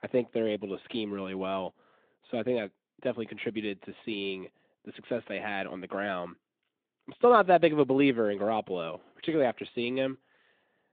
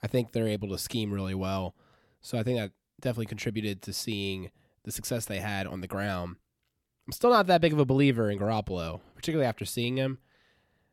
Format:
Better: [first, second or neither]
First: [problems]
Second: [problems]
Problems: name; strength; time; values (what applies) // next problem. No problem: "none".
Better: second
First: phone-call audio; nothing above 3.5 kHz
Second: none